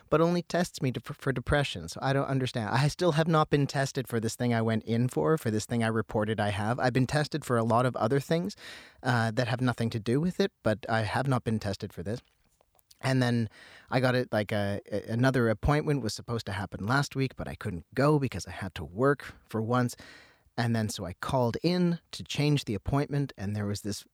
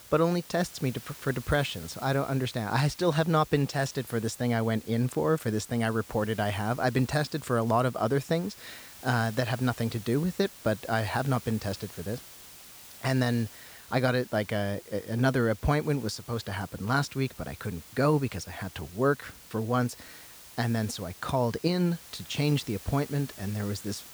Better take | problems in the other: first | hiss; noticeable; throughout; 15 dB below the speech

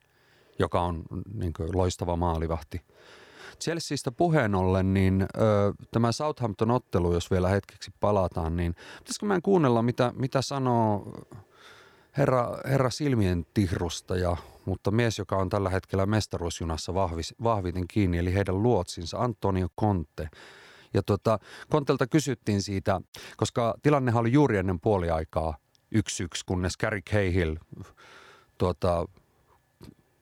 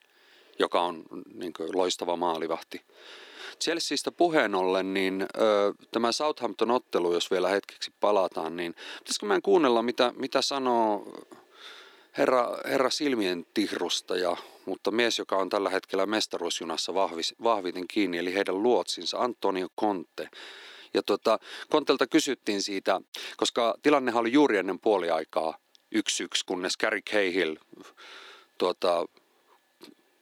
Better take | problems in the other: first | thin; somewhat; fading below 300 Hz

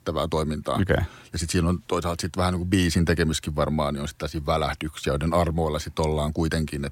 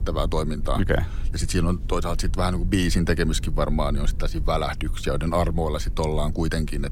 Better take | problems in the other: first | low rumble; faint; throughout; 20 dB below the speech

